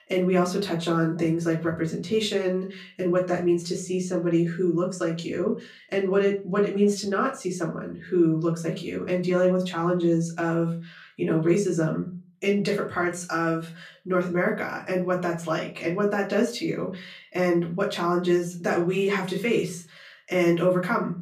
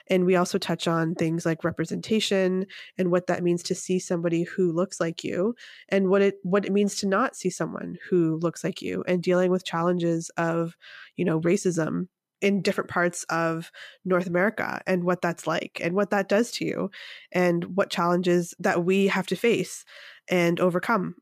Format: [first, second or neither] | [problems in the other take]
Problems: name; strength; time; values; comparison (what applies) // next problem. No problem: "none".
second | off-mic speech; far // room echo; very slight; dies away in 0.3 s